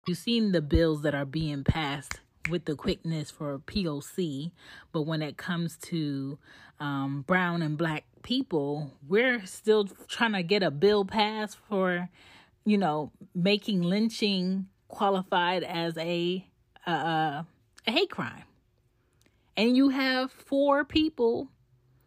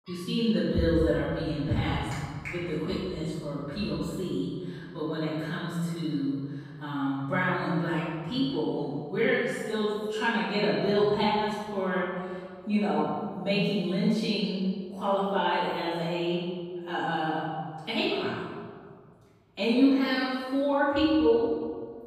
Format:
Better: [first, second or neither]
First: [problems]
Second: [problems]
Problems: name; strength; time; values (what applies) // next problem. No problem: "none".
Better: first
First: none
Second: off-mic speech; far // room echo; strong; dies away in 1.7 s